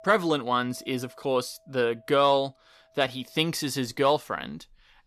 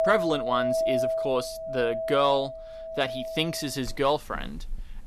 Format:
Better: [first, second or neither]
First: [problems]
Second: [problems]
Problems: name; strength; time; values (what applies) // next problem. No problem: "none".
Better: first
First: household noises; faint; throughout; 30 dB below the speech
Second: household noises; loud; throughout; 2 dB below the speech